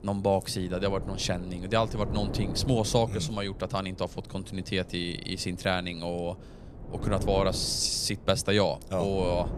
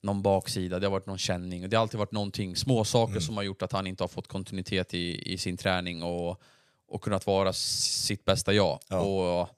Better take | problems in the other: second | wind noise on the microphone; occasional gusts; 15 dB below the speech

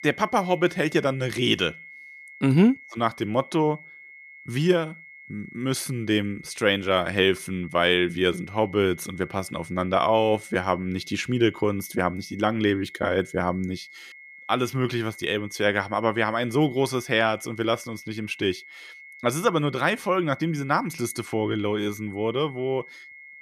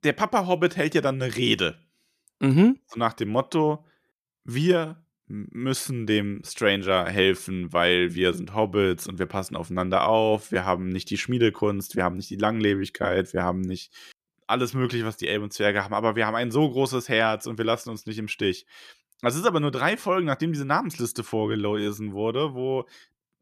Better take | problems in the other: second | high-pitched whine; noticeable; throughout; 2 kHz, 20 dB below the speech

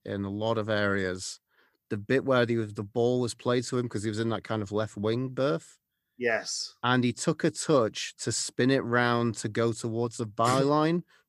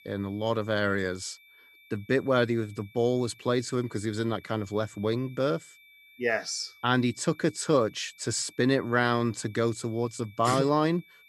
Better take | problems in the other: first | high-pitched whine; faint; throughout; 2.5 kHz, 25 dB below the speech

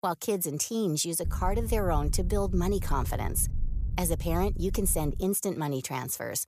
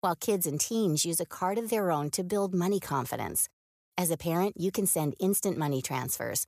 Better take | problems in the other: second | wind noise on the microphone; occasional gusts; from 1 to 5 s; 20 dB below the speech

